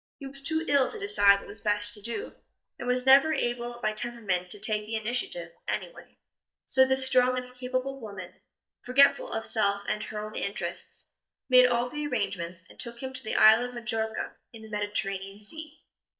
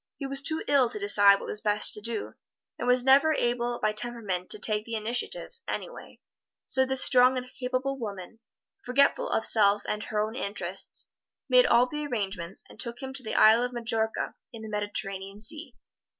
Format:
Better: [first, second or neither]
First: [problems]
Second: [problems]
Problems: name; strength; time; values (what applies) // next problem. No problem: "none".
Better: second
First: noise reduction (neural mask model DeepFilterNet 3)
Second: none